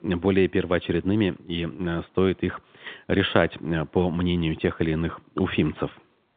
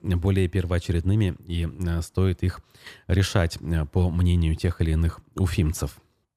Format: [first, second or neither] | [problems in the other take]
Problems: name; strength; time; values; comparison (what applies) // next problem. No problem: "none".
second | phone-call audio; nothing above 3.5 kHz